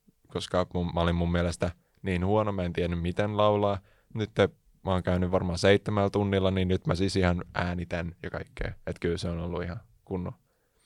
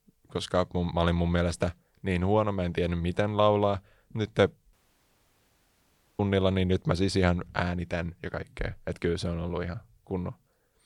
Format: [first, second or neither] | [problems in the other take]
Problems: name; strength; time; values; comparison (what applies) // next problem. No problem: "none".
first | audio cutting out; at 4.5 s for 1.5 s